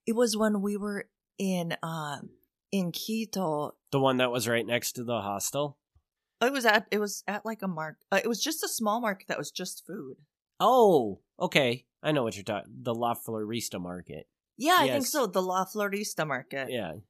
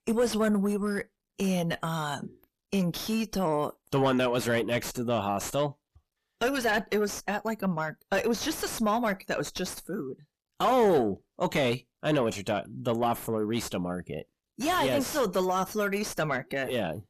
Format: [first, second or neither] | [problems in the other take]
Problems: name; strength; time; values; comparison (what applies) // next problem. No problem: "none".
first | distortion; heavy; 6 dB below the speech